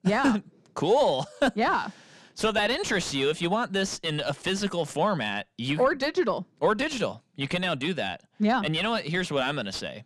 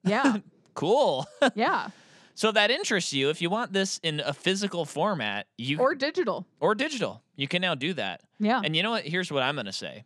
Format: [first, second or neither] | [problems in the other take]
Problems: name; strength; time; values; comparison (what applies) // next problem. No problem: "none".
second | distortion; slight; 10 dB below the speech